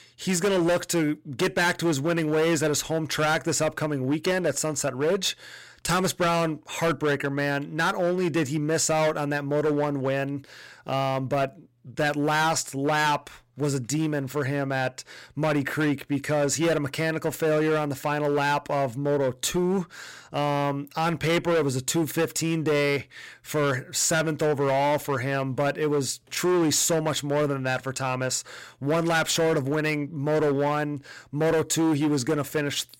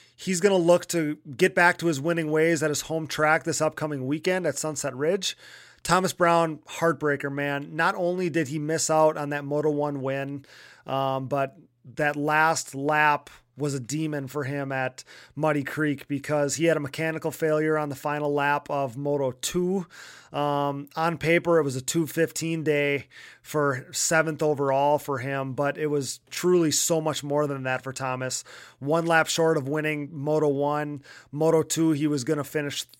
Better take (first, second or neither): second